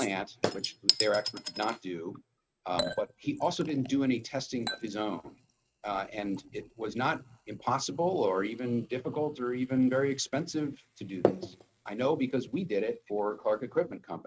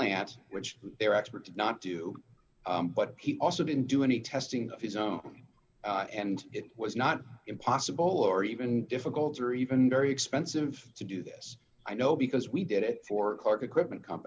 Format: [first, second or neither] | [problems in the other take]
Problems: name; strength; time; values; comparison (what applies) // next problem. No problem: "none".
second | noise reduction (neural mask model RNNoise)